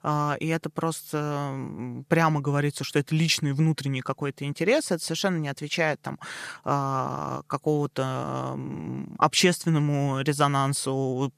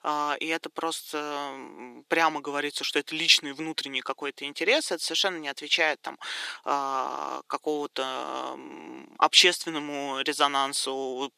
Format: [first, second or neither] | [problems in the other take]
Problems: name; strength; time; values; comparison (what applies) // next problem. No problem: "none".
first | thin; somewhat; fading below 300 Hz